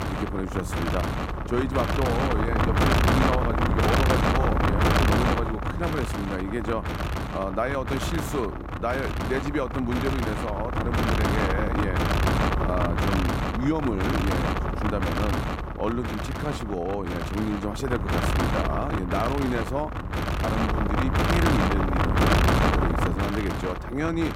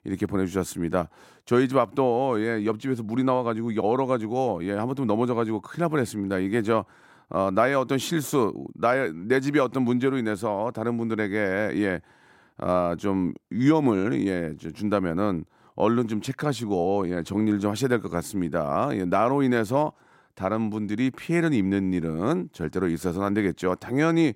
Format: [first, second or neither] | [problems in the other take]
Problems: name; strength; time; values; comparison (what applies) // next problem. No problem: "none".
second | wind noise on the microphone; heavy; 4 dB above the speech